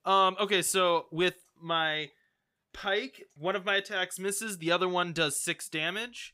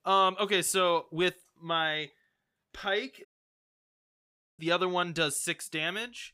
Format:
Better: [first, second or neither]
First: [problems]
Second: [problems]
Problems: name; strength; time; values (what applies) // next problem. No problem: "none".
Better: first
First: none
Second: audio cutting out; at 3.5 s for 1.5 s